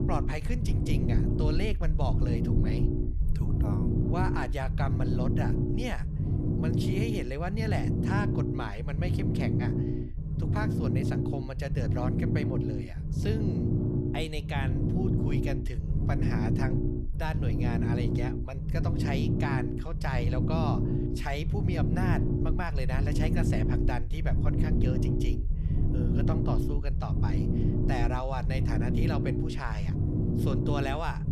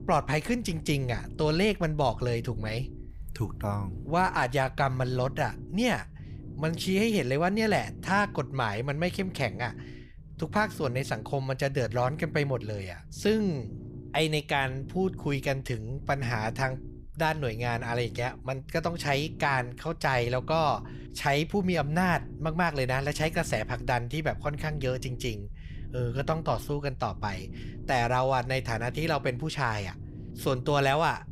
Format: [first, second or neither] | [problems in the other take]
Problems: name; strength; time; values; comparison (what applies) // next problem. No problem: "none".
second | low rumble; loud; throughout; as loud as the speech; faint in the second